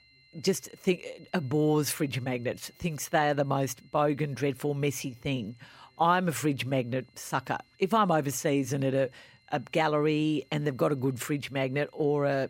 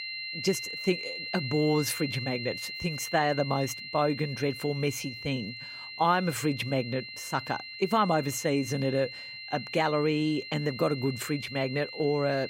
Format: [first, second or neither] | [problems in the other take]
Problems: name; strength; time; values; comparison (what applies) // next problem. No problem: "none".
first | high-pitched whine; loud; throughout; 2 kHz, 8 dB below the speech; faint in the first